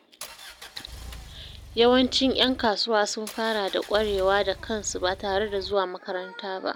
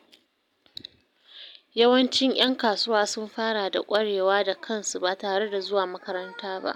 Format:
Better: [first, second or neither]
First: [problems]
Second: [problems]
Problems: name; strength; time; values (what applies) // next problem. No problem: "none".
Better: second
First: background sound (Engine); 16 dB below the speech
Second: none